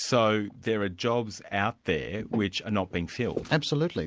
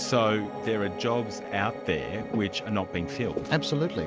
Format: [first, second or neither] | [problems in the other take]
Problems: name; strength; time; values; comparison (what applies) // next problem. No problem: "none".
first | background sound (Piano); 8 dB below the speech